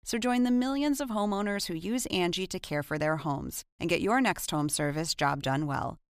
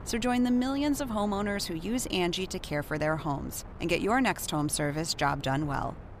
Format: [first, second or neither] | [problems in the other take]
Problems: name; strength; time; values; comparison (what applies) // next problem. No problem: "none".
first | wind noise on the microphone; occasional gusts; 20 dB below the speech